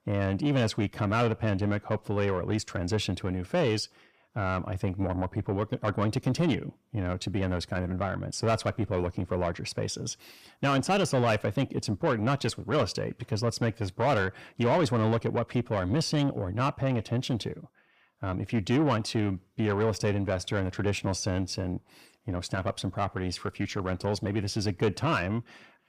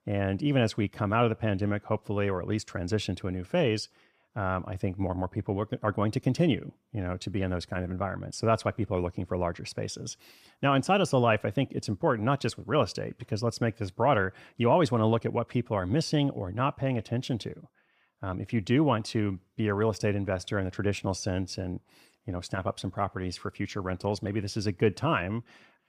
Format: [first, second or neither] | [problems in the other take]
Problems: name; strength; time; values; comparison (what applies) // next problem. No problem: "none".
second | distortion; slight; 10 dB below the speech